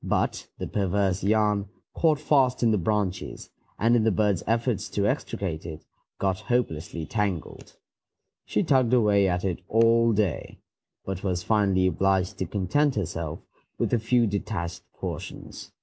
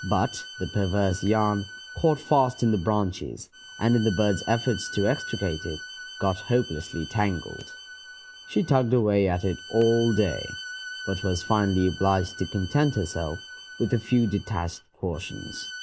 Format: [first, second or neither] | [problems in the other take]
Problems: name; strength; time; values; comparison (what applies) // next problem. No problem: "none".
first | background sound (Bowed string instrument); 14 dB below the speech